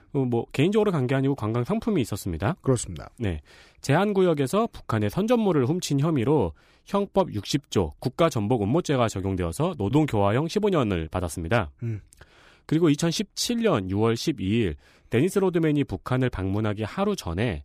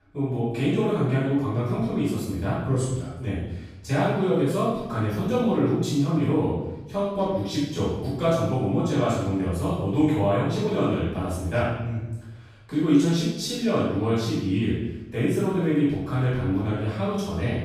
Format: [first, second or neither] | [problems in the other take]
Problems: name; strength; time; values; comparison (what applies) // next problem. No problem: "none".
first | room echo; strong; dies away in 0.9 s // off-mic speech; far